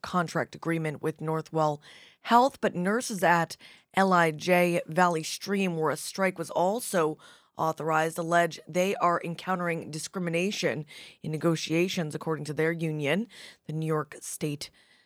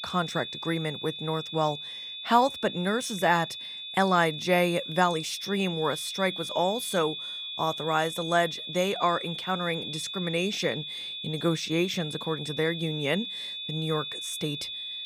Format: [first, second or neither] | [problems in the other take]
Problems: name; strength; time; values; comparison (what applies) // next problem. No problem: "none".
first | high-pitched whine; loud; throughout; 3.5 kHz, 7 dB below the speech